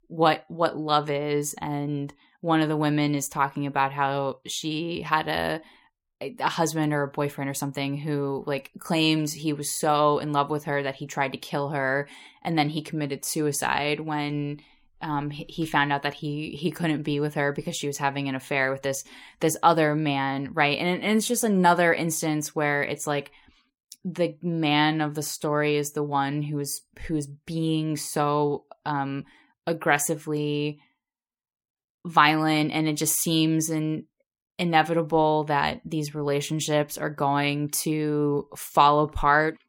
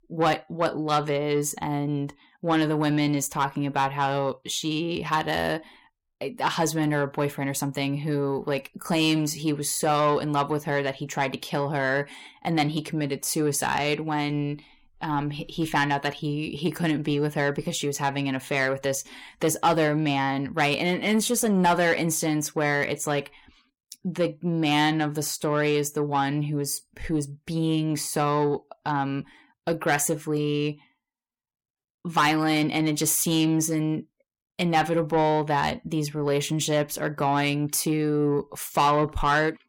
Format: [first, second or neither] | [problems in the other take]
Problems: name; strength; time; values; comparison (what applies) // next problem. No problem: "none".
first | distortion; slight; 10 dB below the speech